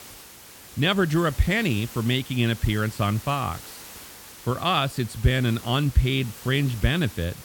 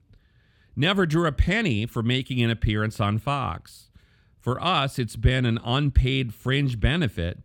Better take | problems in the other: second | hiss; noticeable; throughout; 15 dB below the speech

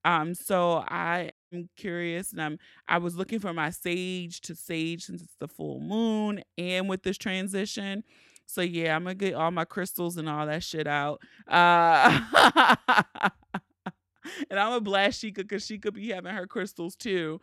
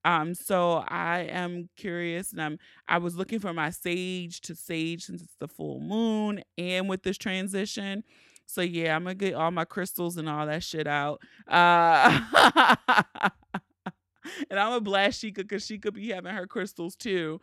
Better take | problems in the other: second | audio cutting out; at 1.5 s

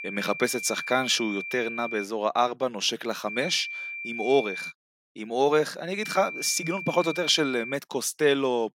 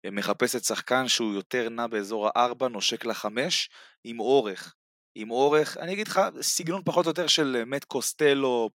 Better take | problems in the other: second | high-pitched whine; loud; until 2 s, from 3.5 to 4.5 s and from 6 to 8 s; 2.5 kHz, 8 dB below the speech

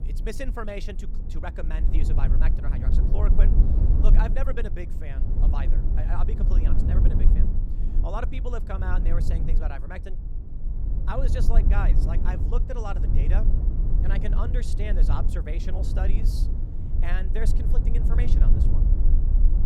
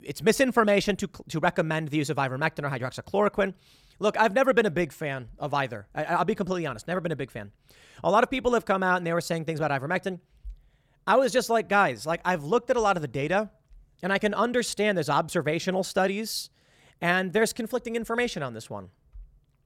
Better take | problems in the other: second | low rumble; loud; throughout; 4 dB below the speech

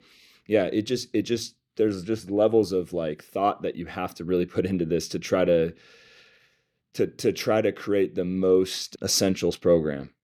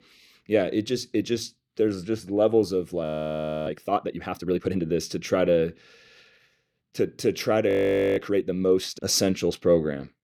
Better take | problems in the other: first | audio freezing; at 3 s for 0.5 s and at 7.5 s

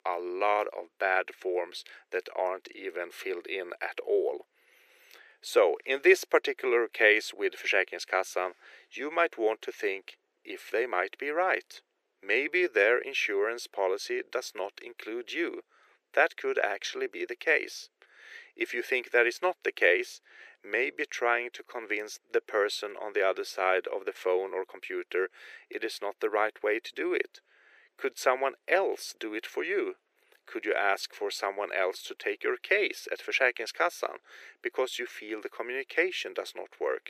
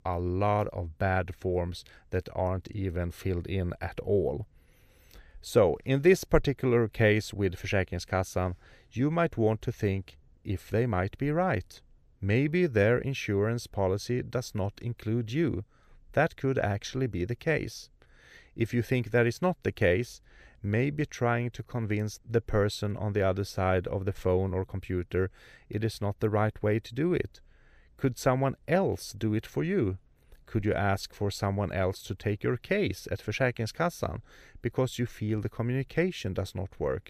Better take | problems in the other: second | thin; very; fading below 350 Hz

